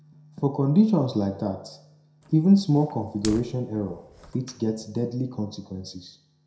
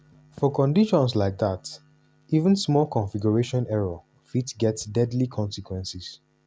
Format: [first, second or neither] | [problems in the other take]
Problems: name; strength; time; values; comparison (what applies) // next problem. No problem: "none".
second | background sound (Fire); 18 dB below the speech // room echo; dies away in 0.5 s